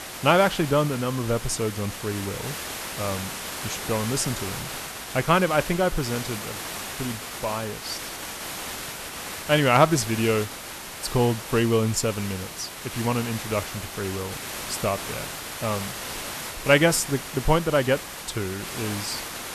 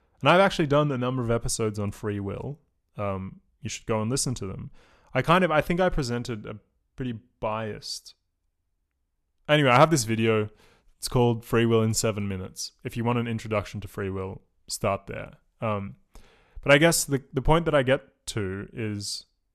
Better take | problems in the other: second | hiss; loud; throughout; 8 dB below the speech

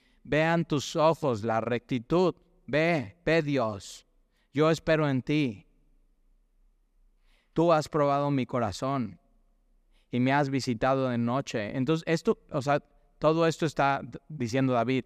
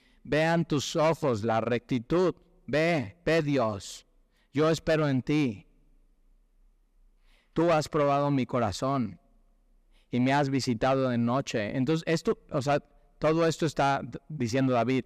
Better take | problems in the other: first | distortion; slight; 10 dB below the speech

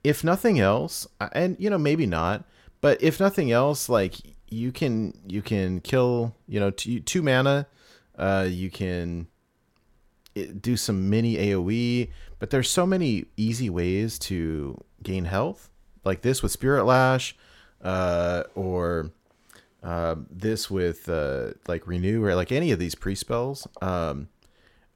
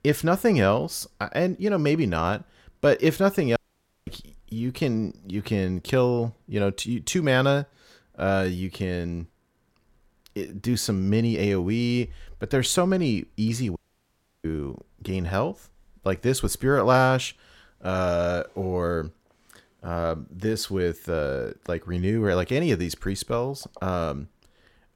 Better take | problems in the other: first | audio cutting out; at 3.5 s for 0.5 s and at 14 s for 0.5 s

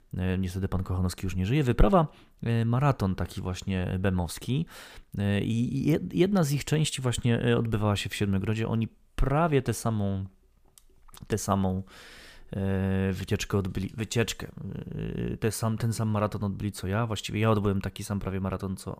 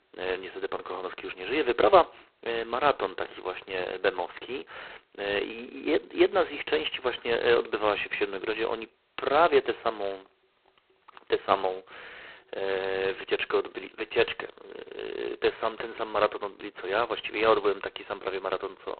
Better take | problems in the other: first | phone-call audio; poor line; nothing above 4 kHz

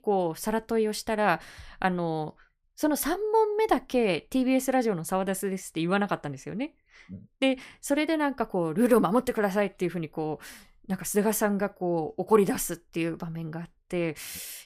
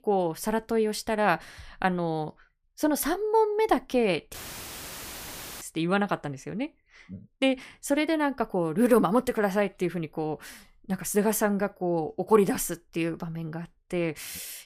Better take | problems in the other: first | audio cutting out; filled with static; at 4.5 s for 1.5 s

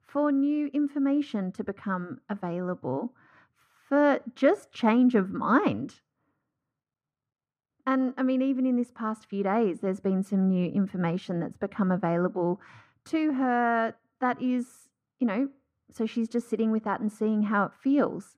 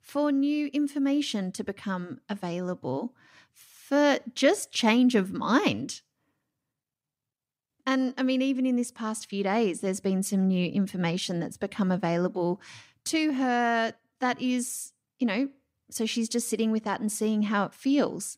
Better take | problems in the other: second | muffled; very; fading above 2.5 kHz

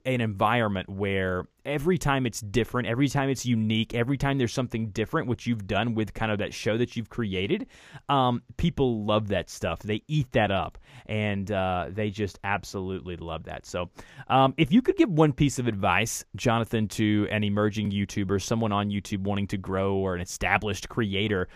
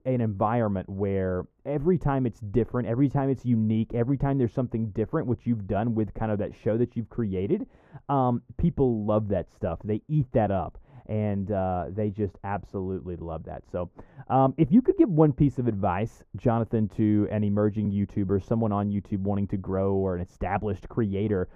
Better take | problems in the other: first | muffled; very; fading above 2 kHz

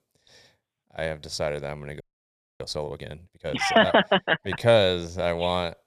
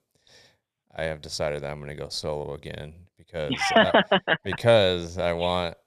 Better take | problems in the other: second | audio freezing; at 2 s for 0.5 s

